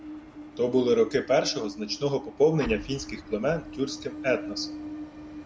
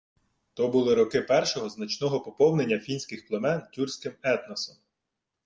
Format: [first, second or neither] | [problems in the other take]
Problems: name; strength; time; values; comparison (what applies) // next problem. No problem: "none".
second | background sound (Explosion + Train); 11 dB below the speech